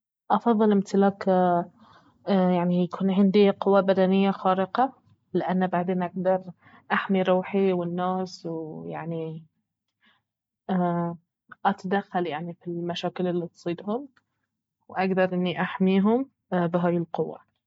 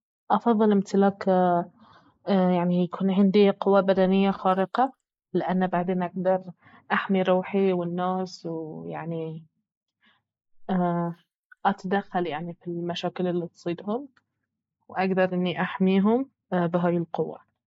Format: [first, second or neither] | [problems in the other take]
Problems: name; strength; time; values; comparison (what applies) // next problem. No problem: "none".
first | noise reduction (neural mask model Resemble Enhance denoiser)